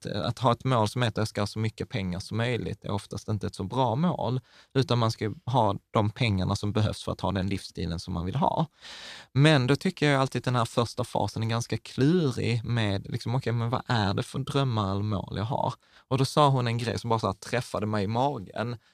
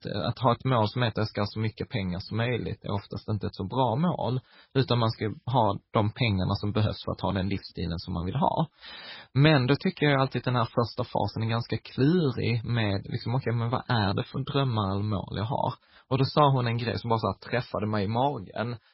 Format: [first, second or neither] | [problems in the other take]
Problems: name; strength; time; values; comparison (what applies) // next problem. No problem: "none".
first | garbled, watery; badly; nothing above 5.5 kHz